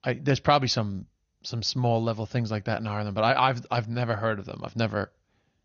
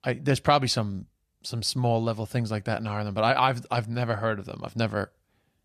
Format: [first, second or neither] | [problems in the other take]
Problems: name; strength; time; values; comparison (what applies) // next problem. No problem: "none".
second | garbled, watery; slightly; nothing above 6.5 kHz